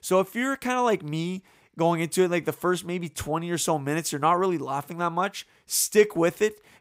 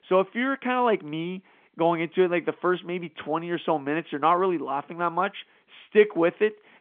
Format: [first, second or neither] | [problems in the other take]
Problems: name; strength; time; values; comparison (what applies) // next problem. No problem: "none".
first | phone-call audio; nothing above 3.5 kHz